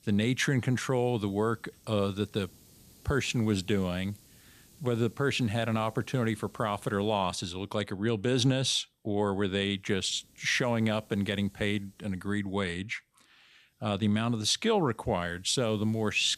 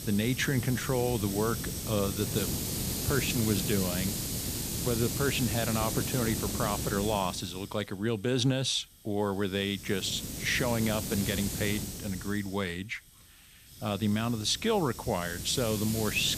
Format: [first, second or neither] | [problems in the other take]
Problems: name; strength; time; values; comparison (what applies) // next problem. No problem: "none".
first | hiss; loud; throughout; 3 dB below the speech; faint in the first